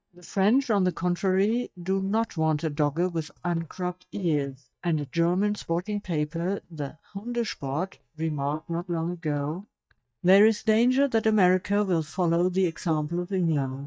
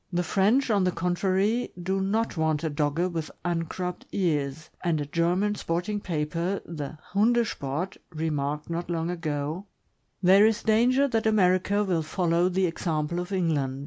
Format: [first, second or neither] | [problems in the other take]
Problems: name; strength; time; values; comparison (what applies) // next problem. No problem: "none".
second | noise reduction (neural mask model DeepFilterNet 3)